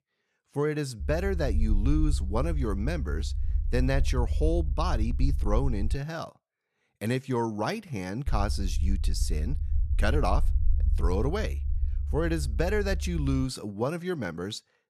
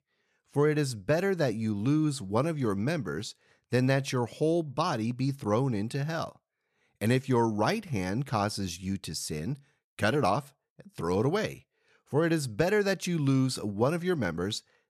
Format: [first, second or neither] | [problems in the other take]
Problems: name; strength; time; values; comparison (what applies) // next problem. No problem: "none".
second | low rumble; noticeable; from 1 to 6 s and from 8.5 to 13 s; 20 dB below the speech